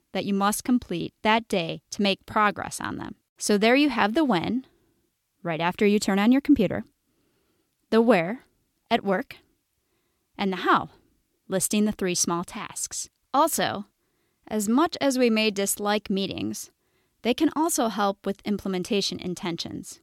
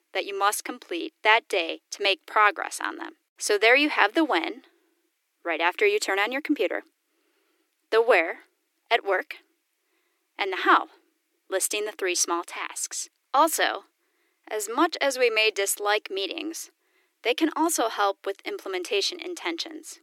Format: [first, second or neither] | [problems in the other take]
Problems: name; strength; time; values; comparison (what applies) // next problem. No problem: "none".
first | thin; very; fading below 300 Hz